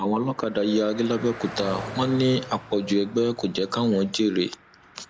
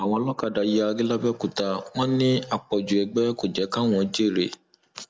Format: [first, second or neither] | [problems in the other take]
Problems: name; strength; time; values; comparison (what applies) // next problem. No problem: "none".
second | background sound (Car passing by); 17 dB below the speech